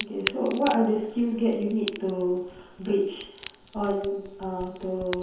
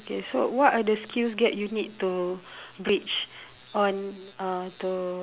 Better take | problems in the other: second | background sound (Crack); 12 dB below the speech // room echo; dies away in 0.9 s

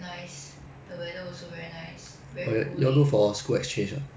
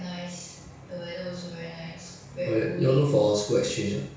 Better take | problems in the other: first | room echo; dies away in 0.7 s

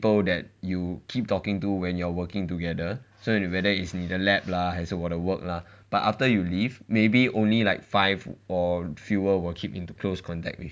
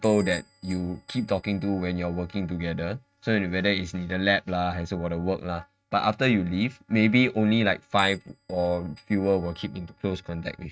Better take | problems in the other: first | noise reduction (neural mask model RNNoise)

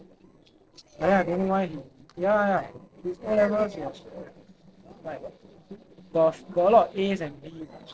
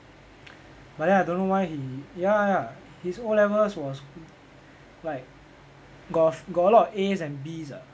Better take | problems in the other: second | noise reduction (neural separator model SepFormer DNS4)

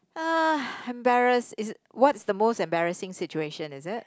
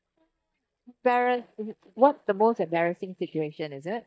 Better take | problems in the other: first | noise reduction (neural mask model DeepFilterNet 3)

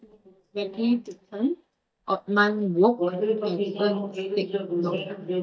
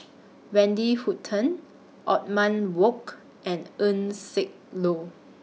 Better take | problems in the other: second | noise reduction (neural mask model DeepFilterNet 3)

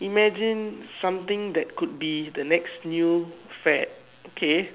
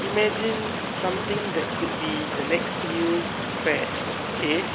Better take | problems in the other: first | background sound (Stream); 1 dB below the speech

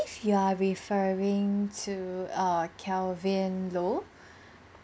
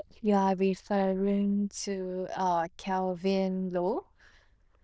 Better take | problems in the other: first | noise reduction (neural diffusion model UNIVERSE++)

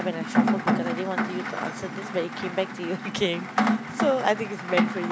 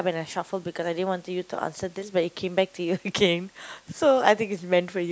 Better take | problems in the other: second | background sound (Rain); 2 dB above the speech

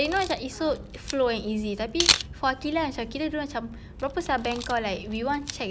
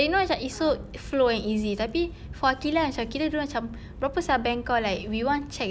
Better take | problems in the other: second | background sound (Camera); 5 dB below the speech

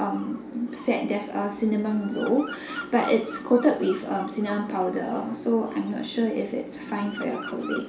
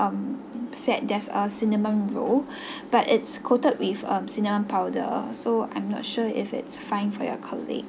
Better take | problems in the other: second | background sound (Bird vocalization, bird call, bird song); 17 dB below the speech // room echo; dies away in 0.5 s

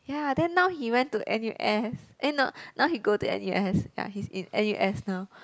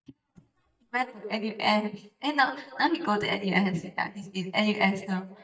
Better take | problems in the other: first | noise reduction (neural mask model DeepFilterNet 3)

